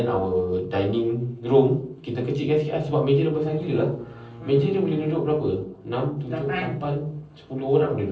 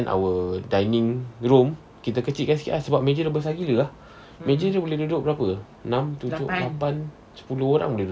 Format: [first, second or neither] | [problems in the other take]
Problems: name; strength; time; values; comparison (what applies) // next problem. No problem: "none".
second | noise reduction (neural separator model SepFormer DNS4)